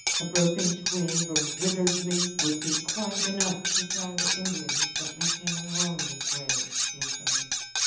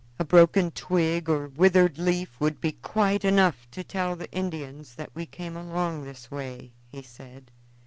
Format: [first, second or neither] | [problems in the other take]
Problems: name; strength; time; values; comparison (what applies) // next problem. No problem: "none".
second | background sound (Cutlery, silverware); 3 dB above the speech // room echo; dies away in 0.8 s